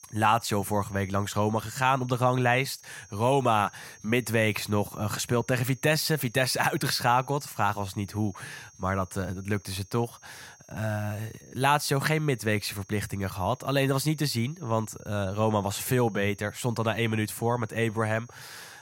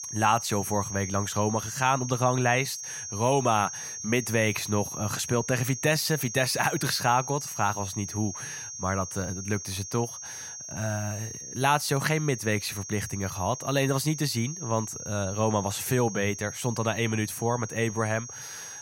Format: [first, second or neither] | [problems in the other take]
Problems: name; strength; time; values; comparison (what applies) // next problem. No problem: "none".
first | high-pitched whine; loud; throughout; 6.5 kHz, 8 dB below the speech; faint in the first